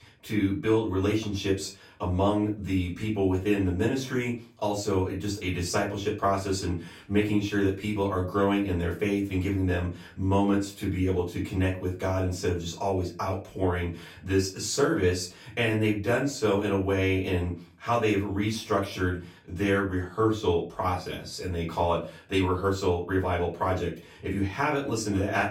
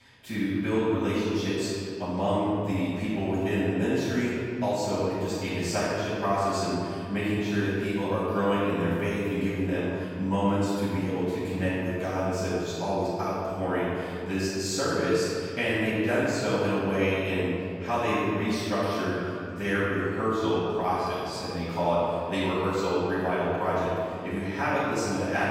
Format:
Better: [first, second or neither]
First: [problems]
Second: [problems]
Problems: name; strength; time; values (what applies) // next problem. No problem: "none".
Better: first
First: room echo; slight; dies away in 0.3 s // off-mic speech; far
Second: room echo; strong; dies away in 2.2 s // off-mic speech; far